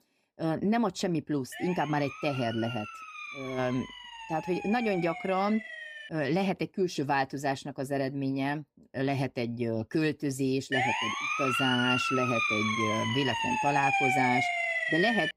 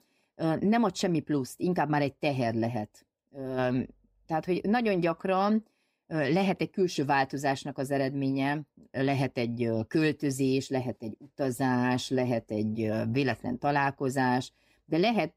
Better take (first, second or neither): second